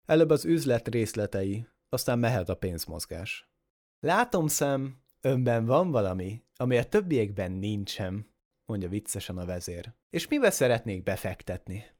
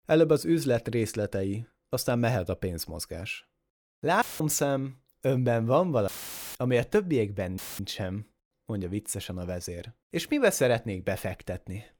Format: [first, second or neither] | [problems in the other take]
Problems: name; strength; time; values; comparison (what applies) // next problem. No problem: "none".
first | audio cutting out; filled with static; at 4 s, at 6 s and at 7.5 s